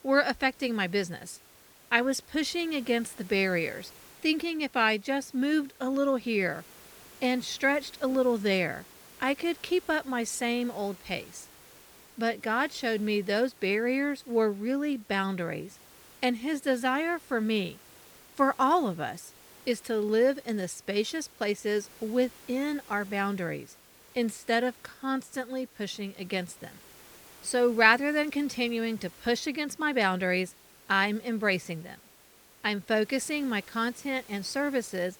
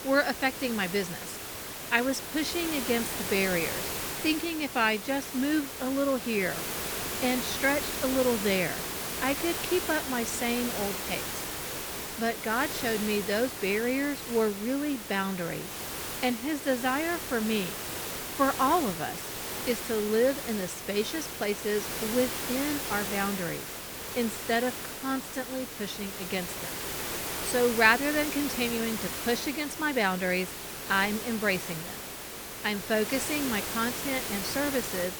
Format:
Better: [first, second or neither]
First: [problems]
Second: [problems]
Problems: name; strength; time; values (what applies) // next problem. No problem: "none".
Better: first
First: hiss; faint; throughout; 25 dB below the speech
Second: hiss; loud; throughout; 4 dB below the speech